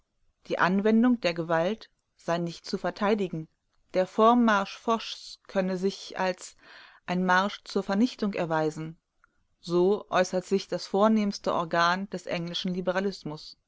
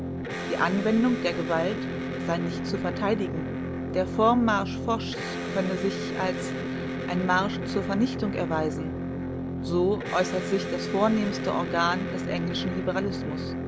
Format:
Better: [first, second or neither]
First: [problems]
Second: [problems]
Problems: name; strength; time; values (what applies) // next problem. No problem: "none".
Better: first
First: none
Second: background sound (Electric guitar); 3 dB below the speech